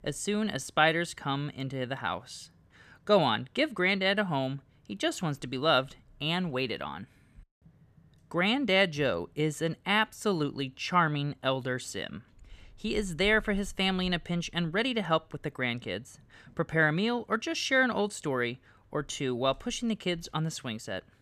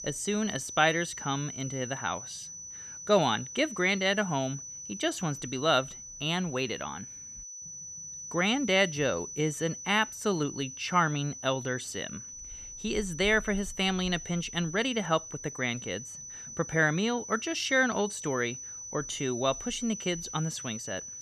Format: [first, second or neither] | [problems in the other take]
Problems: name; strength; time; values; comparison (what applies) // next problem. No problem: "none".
first | high-pitched whine; loud; throughout; 6 kHz, 10 dB below the speech